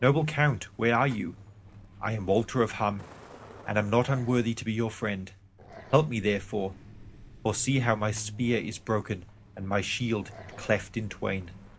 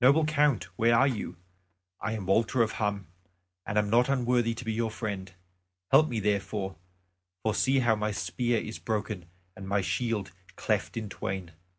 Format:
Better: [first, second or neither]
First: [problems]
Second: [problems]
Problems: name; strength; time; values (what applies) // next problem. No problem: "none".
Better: second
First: background sound (Growling + Truck); 18 dB below the speech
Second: none